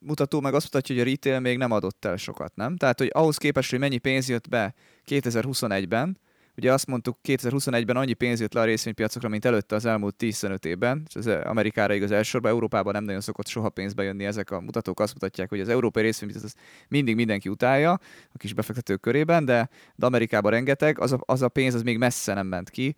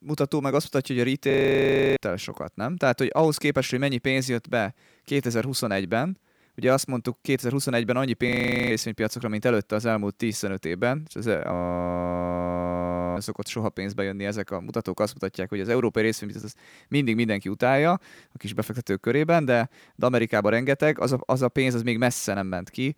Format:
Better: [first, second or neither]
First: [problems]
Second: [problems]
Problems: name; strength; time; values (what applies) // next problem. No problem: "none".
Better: first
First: none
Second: audio freezing; at 1.5 s for 0.5 s, at 8.5 s and at 12 s for 1.5 s